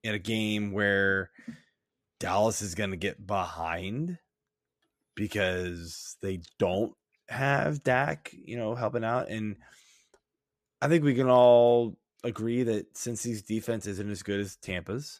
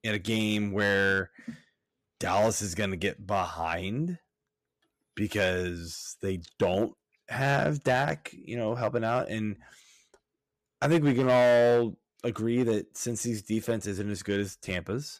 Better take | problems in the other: first | distortion; slight; 3% of the sound clipped

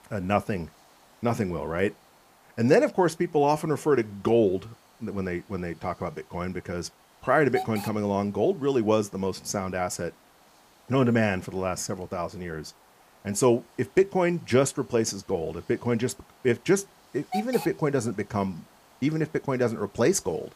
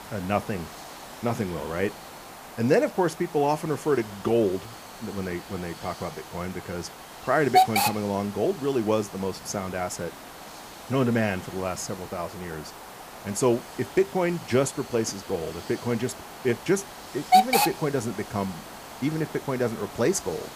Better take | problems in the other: first | hiss; loud; throughout; 5 dB below the speech; faint in the first

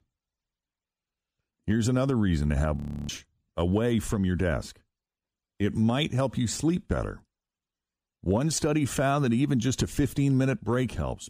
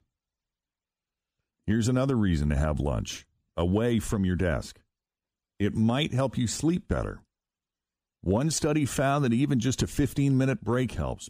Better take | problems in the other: second | audio freezing; at 3 s

